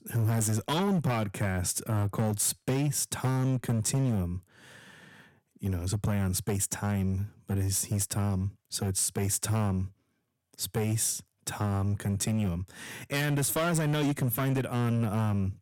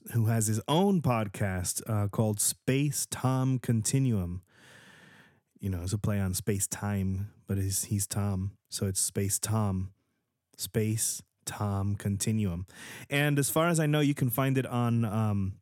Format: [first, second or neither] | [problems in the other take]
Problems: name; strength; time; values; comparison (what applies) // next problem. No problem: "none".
second | distortion; slight; 13% of the sound clipped